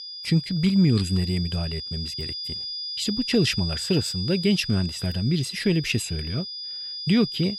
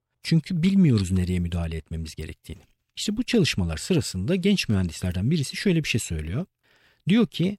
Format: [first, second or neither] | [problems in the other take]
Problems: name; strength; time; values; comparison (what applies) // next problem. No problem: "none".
second | high-pitched whine; loud; throughout; 5 kHz, 7 dB below the speech